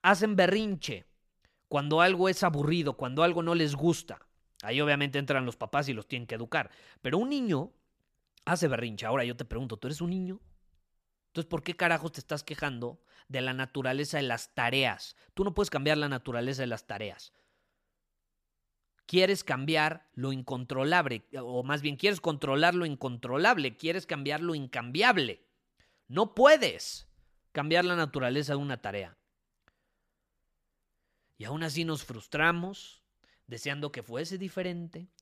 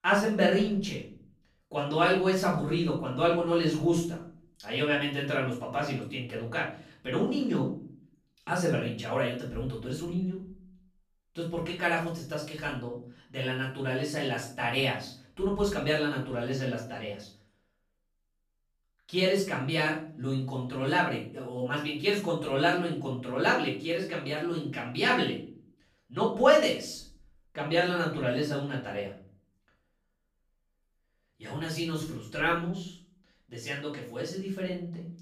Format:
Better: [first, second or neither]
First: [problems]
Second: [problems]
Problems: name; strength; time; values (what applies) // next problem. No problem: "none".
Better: first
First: none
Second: off-mic speech; far // room echo; noticeable; dies away in 0.4 s